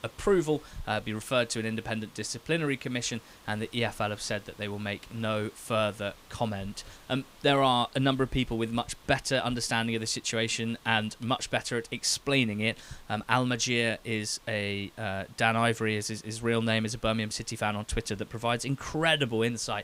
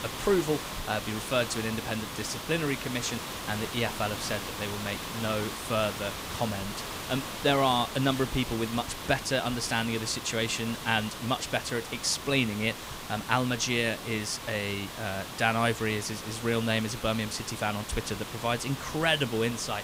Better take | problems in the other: first | hiss; loud; throughout; 7 dB below the speech; faint in the first

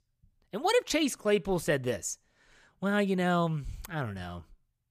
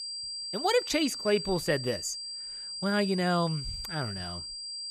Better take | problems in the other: first | high-pitched whine; loud; throughout; 4.5 kHz, 6 dB below the speech

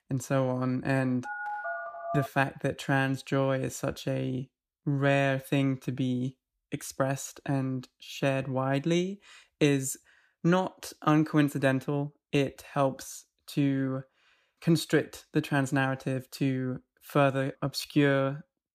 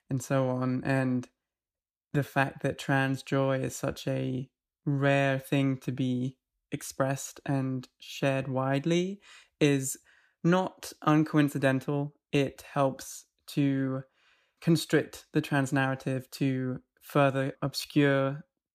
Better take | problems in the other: second | phone ringing; noticeable; from 1 to 2.5 s; peak 5 dB below the speech

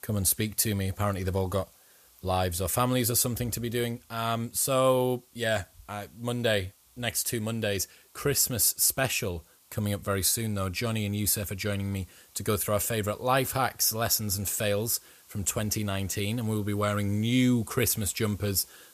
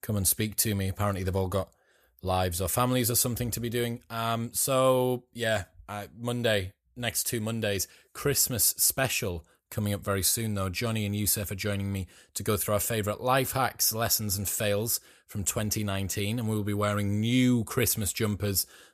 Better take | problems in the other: second | hiss; faint; throughout; 30 dB below the speech

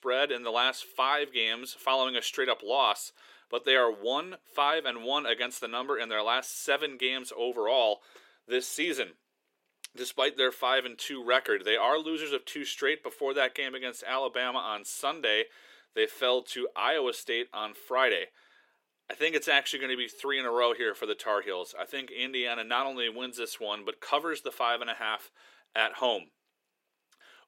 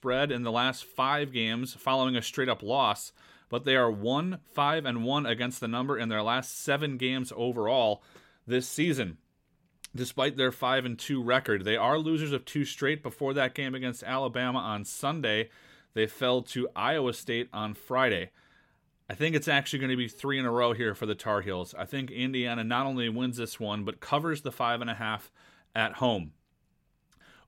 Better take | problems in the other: second | thin; somewhat; fading below 400 Hz

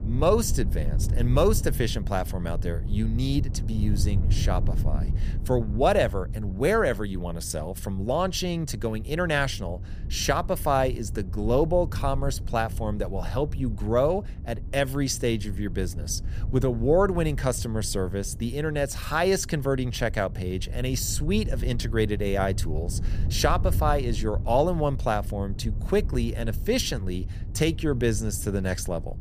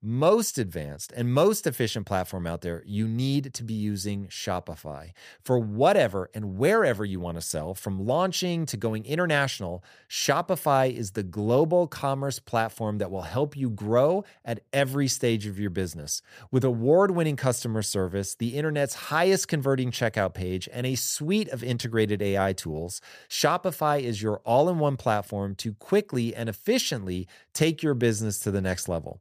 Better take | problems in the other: second | low rumble; noticeable; throughout; 20 dB below the speech

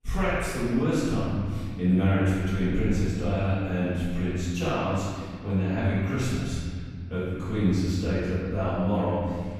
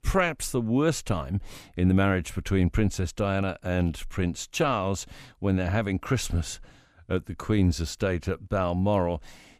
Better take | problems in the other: second | off-mic speech; far // room echo; strong; dies away in 2 s

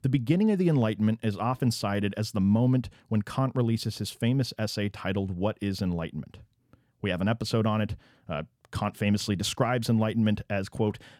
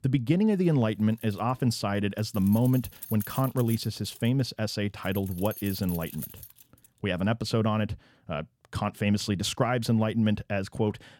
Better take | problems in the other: first | jangling keys; faint; from 1 to 7 s; peak 10 dB below the speech

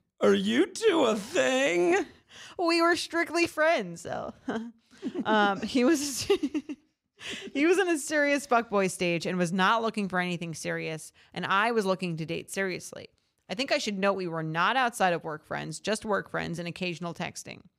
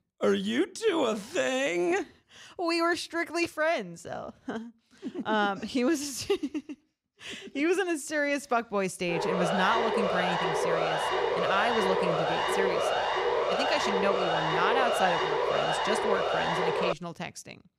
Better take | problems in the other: first | siren; loud; from 9 to 17 s; peak 3 dB above the speech

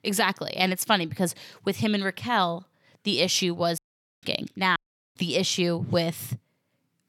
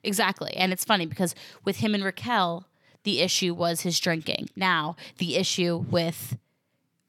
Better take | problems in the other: second | audio cutting out; at 4 s and at 5 s

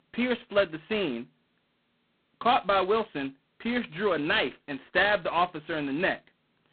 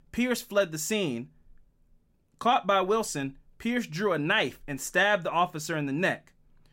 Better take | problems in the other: second | phone-call audio; poor line; nothing above 4 kHz

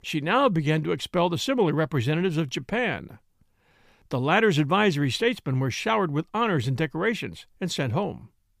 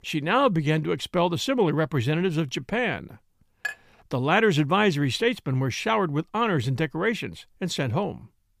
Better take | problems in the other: first | clattering dishes; noticeable; at 3.5 s; peak 9 dB below the speech

